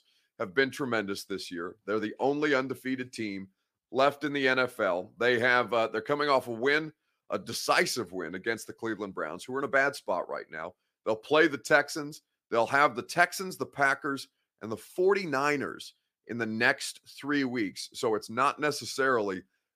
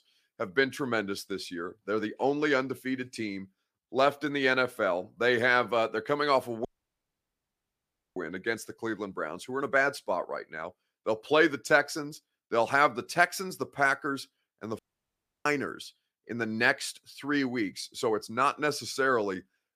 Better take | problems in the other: first | audio cutting out; at 6.5 s for 1.5 s and at 15 s for 0.5 s

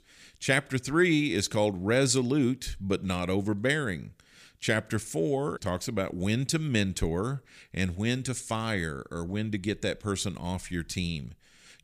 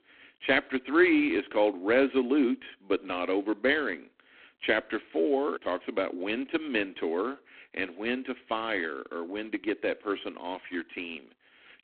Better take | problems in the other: first | phone-call audio; poor line

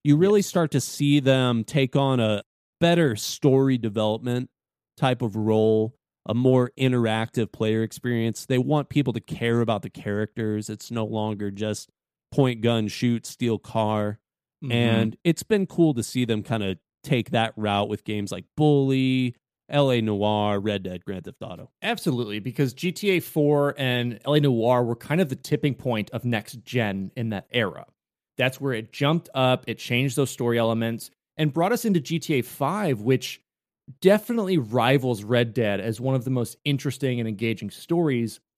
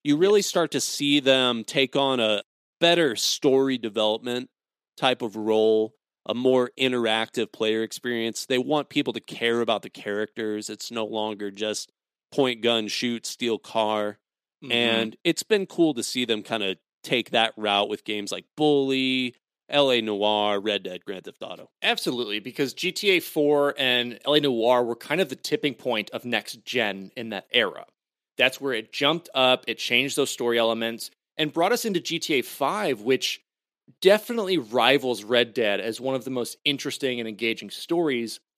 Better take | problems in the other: first | thin; very slightly; fading below 350 Hz

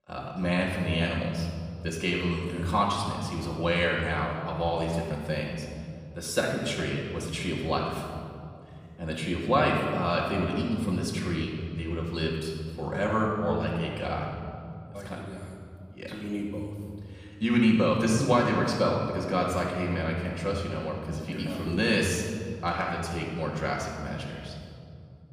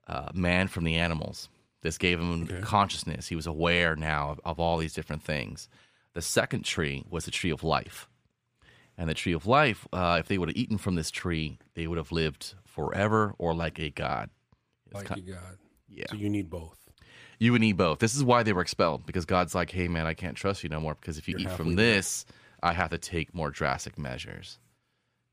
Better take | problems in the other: second | off-mic speech; far // room echo; noticeable; dies away in 2.2 s

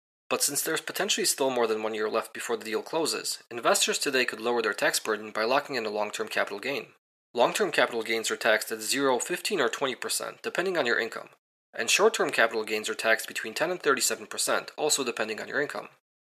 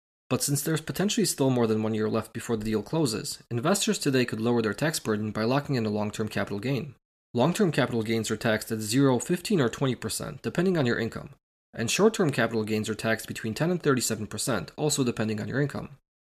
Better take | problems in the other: second | thin; very; fading below 600 Hz

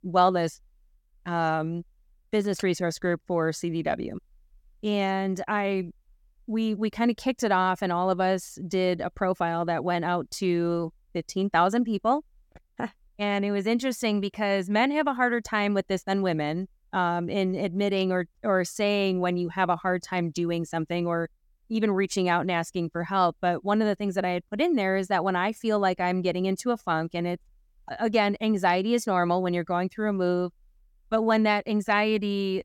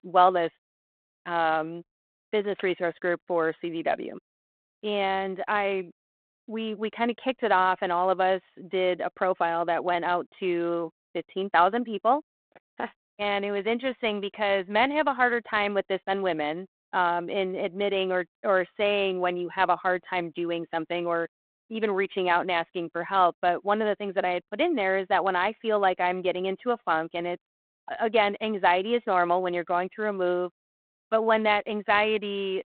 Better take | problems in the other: first | phone-call audio

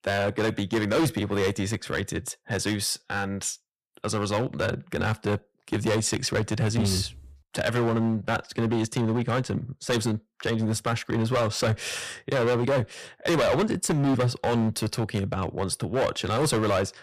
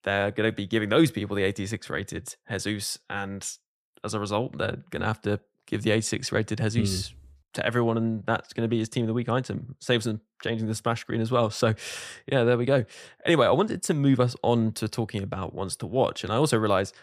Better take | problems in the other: second | distortion; heavy; 12% of the sound clipped

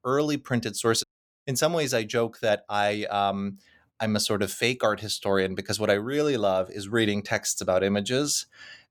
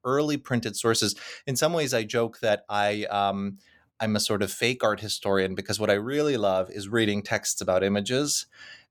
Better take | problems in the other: second | audio cutting out; at 1 s

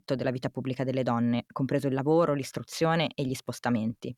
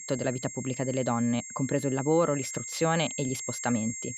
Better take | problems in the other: first | high-pitched whine; loud; throughout; 7.5 kHz, 8 dB below the speech

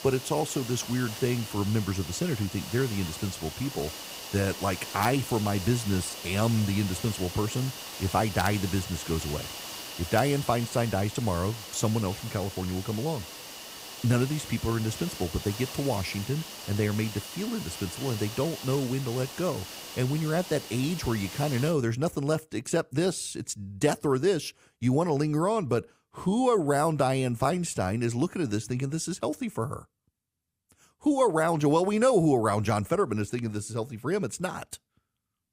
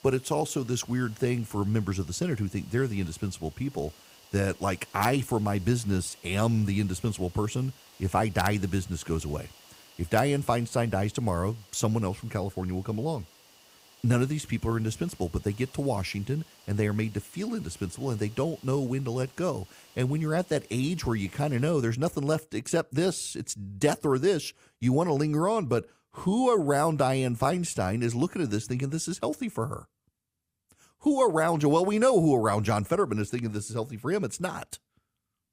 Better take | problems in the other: second | hiss; loud; until 22 s; 10 dB below the speech; faint in the second

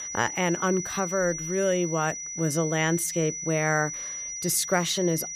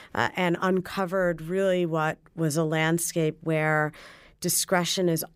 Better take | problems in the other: second | high-pitched whine; loud; throughout; 6 kHz, 6 dB below the speech

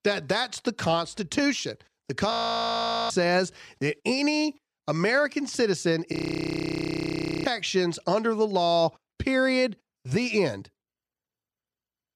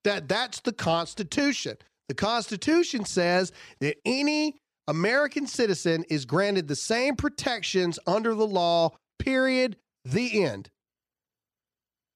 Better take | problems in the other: second | audio freezing; at 2.5 s for 1 s and at 6 s for 1.5 s

